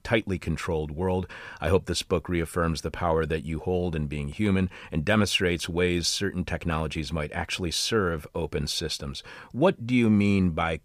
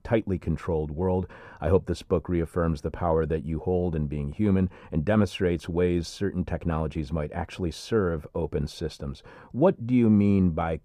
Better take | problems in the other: first | muffled; slightly; fading above 1.5 kHz

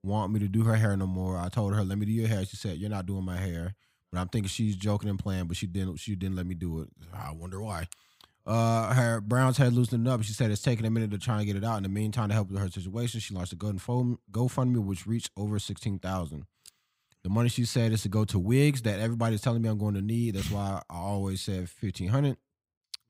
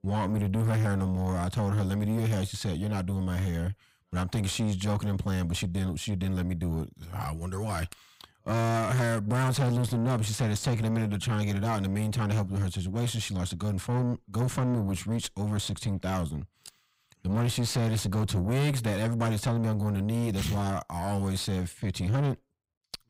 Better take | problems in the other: first | distortion; heavy; 5 dB below the speech

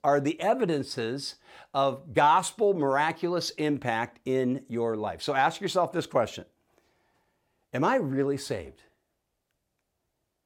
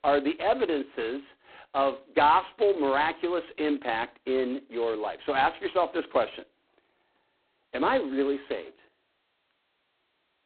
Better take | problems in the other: first | phone-call audio; poor line; nothing above 4 kHz

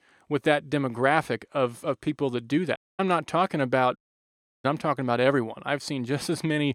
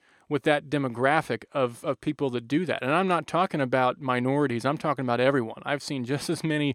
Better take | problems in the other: second | audio cutting out; at 3 s and at 4 s for 0.5 s

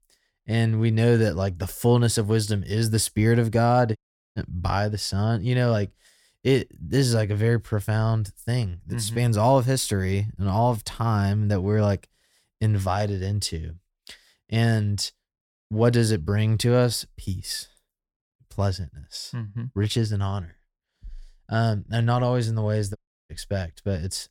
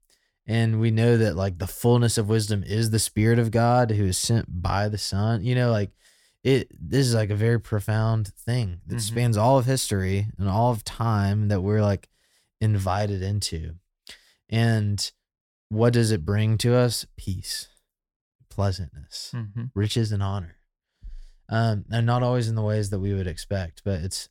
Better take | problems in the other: second | audio cutting out; at 4 s and at 23 s

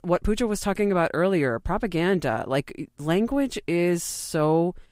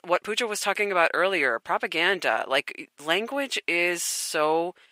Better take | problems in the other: first | thin; very; fading below 550 Hz

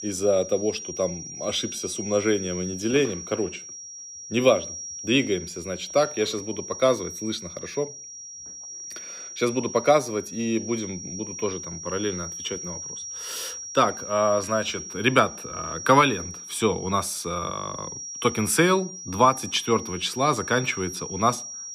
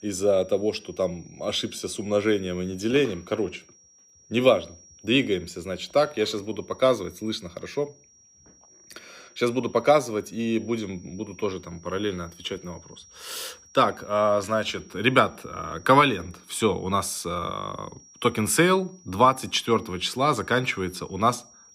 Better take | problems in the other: second | high-pitched whine; loud; throughout; 5.5 kHz, 10 dB below the speech; faint in the second

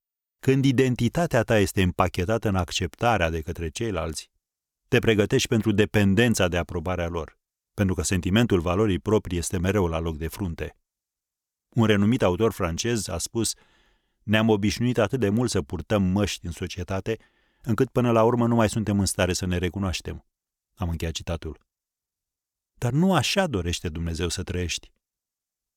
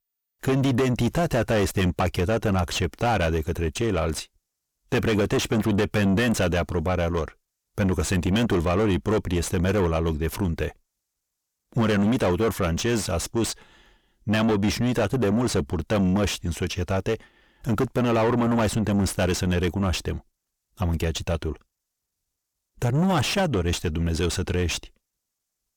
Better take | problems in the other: first | distortion; heavy; 6 dB below the speech

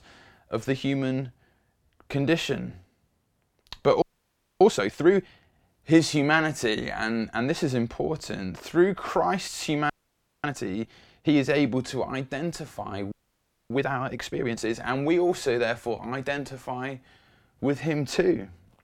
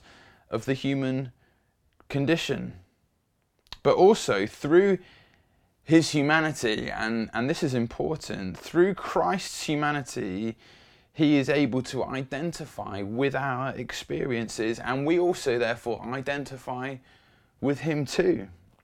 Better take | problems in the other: second | audio freezing; at 4 s for 0.5 s, at 10 s for 0.5 s and at 13 s for 0.5 s

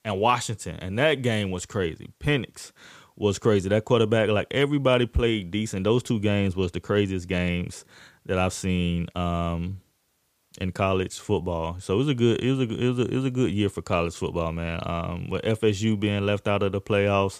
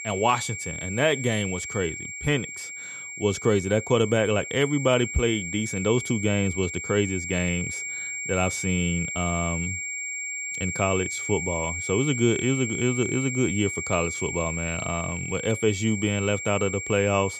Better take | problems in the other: first | high-pitched whine; loud; throughout; 2.5 kHz, 5 dB below the speech

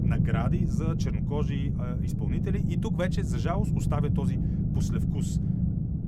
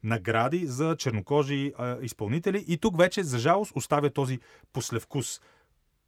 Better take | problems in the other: second | low rumble; loud; throughout; as loud as the speech

